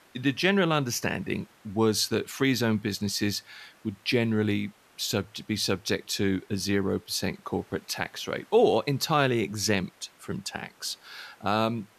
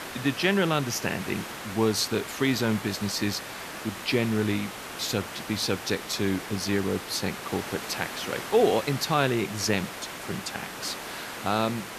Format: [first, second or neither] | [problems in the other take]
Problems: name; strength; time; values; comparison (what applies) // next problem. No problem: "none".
first | hiss; loud; throughout; 9 dB below the speech; faint in the first